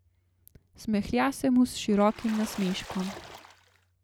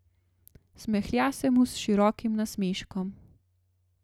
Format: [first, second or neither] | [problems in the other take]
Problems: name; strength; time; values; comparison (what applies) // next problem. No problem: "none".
second | background sound (Water / Splash, splatter); 15 dB below the speech